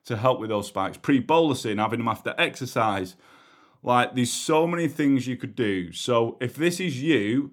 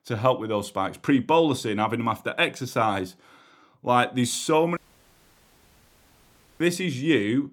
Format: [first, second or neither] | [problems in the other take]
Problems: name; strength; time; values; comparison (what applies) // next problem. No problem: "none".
first | audio cutting out; at 5 s for 2 s